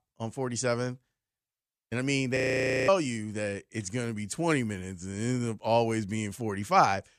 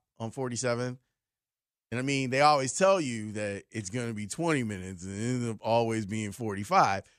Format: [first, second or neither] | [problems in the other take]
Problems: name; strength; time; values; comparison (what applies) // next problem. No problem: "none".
second | audio freezing; at 2.5 s for 0.5 s